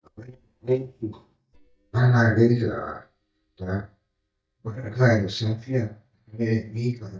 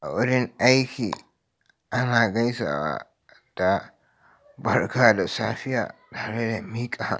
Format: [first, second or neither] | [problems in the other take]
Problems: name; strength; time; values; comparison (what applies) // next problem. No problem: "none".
second | noise reduction (neural mask model DeepFilterNet 3)